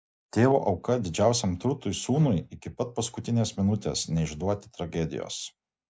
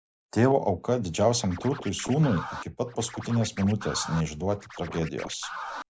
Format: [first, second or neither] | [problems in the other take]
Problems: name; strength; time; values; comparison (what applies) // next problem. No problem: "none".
first | background sound (Scratching (performance technique)); 12 dB below the speech